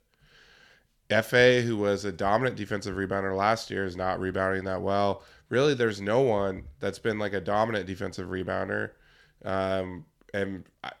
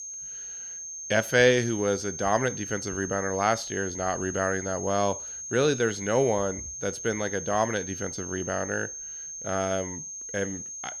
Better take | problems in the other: first | high-pitched whine; loud; throughout; 6.5 kHz, 8 dB below the speech

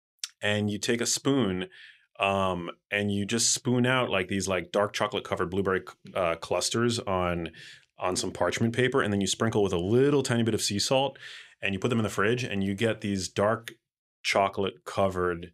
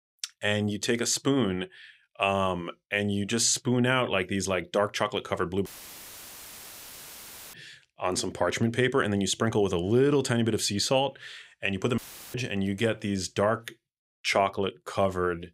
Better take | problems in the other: first | audio cutting out; filled with static; at 5.5 s for 2 s and at 12 s

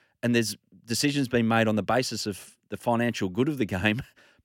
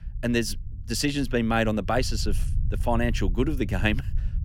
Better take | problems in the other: first | low rumble; faint; throughout; 20 dB below the speech

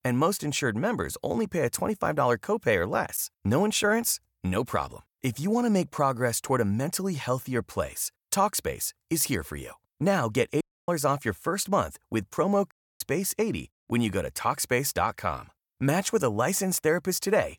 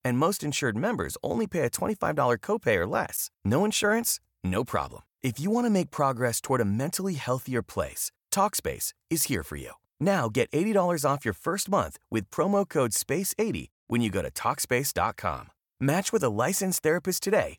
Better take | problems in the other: second | audio cutting out; at 11 s and at 13 s

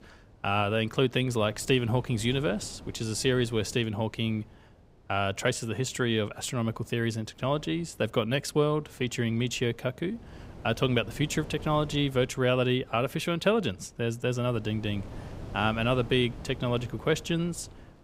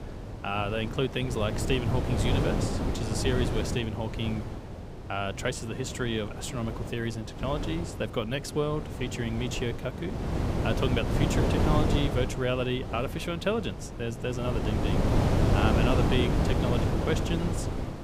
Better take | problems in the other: first | wind noise on the microphone; heavy; 2 dB below the speech; occasional gusts in the first

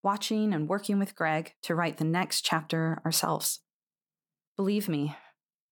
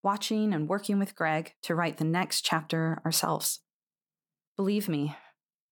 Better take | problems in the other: neither | none

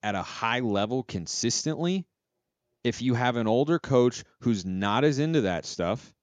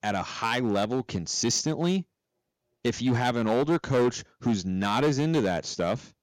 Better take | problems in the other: first | distortion; slight; 6% of the sound clipped

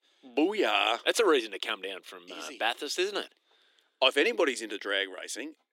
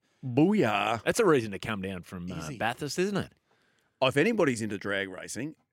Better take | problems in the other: second | thin; somewhat; fading below 300 Hz

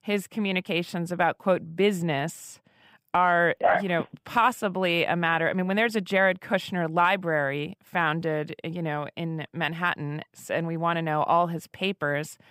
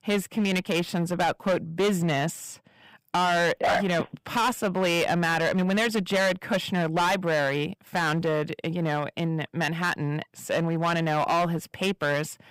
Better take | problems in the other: first | distortion; heavy; 12% of the sound clipped

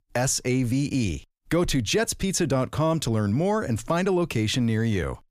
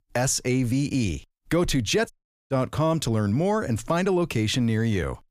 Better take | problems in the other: first | audio cutting out; at 2 s

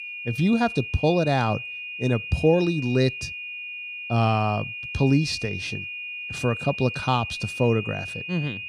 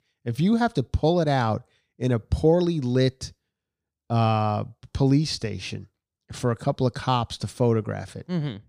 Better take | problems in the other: second | high-pitched whine; loud; throughout; 2.5 kHz, 8 dB below the speech

